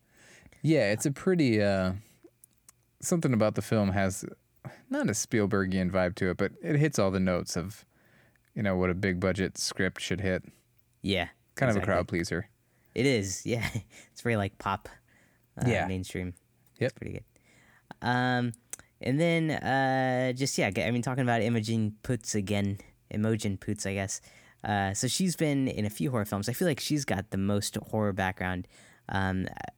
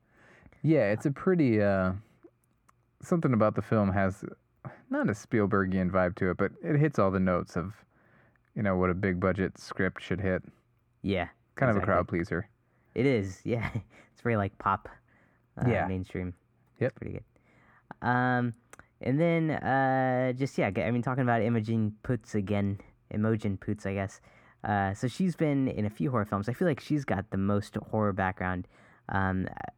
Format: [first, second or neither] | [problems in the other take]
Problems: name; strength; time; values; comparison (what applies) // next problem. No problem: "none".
first | muffled; very; fading above 3 kHz